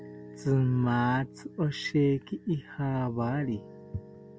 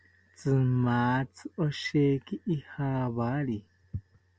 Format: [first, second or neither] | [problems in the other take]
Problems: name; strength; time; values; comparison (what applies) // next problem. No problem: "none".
second | background sound (Piano); 19 dB below the speech